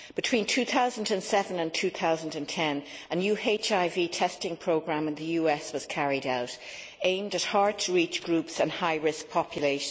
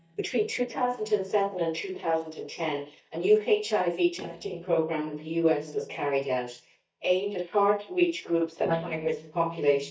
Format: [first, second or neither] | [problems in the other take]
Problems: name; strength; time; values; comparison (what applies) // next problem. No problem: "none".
first | noise reduction (neural mask model DeepFilterNet 3)